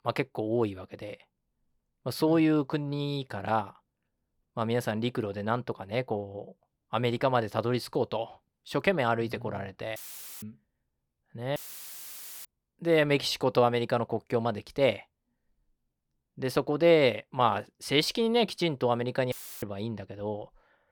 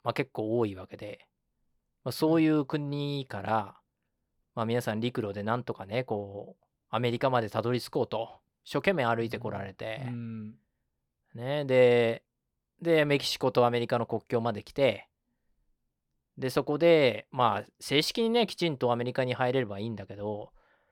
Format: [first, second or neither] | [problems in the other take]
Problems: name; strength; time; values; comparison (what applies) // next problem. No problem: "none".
second | audio cutting out; filled with static; at 10 s, at 12 s for 1 s and at 19 s